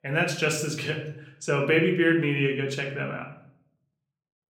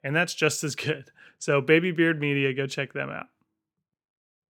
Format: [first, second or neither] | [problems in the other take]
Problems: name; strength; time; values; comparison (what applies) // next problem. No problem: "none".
second | room echo; slight; dies away in 0.5 s // off-mic speech; somewhat distant